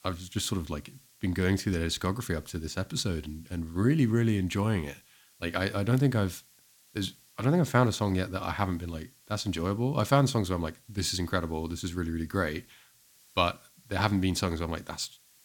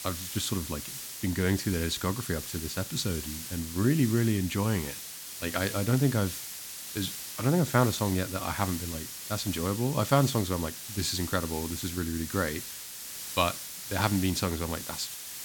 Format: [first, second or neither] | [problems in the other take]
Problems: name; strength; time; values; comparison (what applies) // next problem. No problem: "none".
first | hiss; loud; throughout; 7 dB below the speech; faint in the first